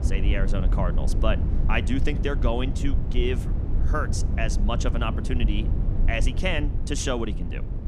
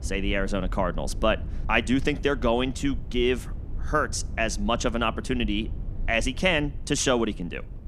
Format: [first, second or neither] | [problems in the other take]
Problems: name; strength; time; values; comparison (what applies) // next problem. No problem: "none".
second | low rumble; loud; throughout; 10 dB below the speech; faint in the second